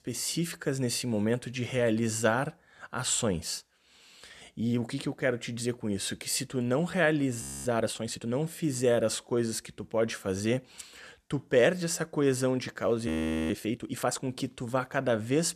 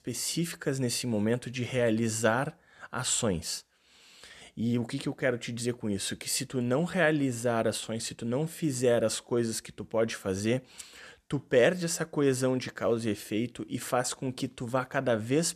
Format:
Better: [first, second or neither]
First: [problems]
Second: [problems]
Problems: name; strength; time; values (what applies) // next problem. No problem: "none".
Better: second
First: audio freezing; at 7.5 s and at 13 s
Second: none